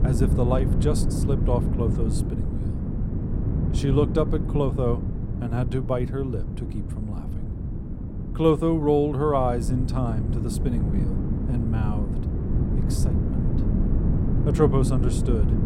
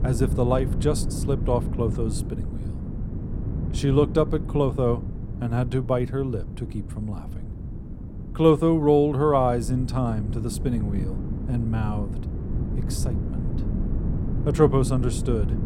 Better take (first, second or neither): second